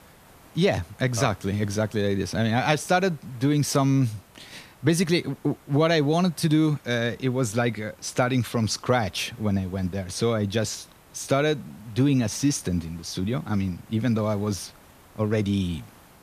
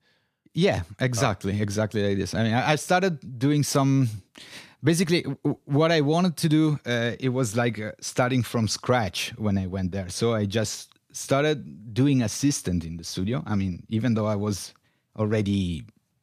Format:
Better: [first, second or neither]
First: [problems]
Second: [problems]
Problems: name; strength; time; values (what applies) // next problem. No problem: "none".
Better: second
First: hiss; faint; throughout; 25 dB below the speech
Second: none